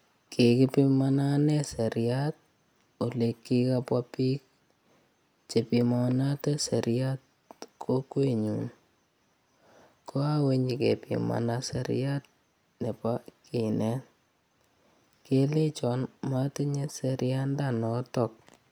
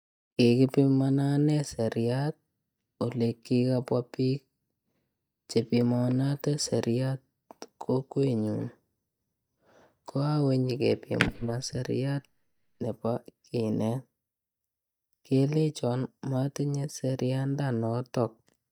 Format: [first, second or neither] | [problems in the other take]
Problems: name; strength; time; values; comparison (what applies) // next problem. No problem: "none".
first | noise reduction (neural mask model DeepFilterNet 3)